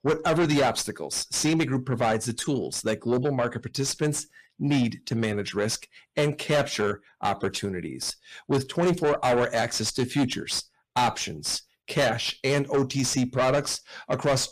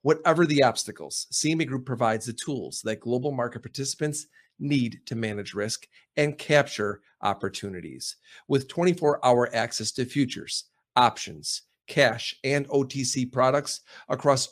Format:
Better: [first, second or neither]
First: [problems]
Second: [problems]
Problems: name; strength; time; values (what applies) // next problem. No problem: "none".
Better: second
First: distortion; heavy; 6 dB below the speech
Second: none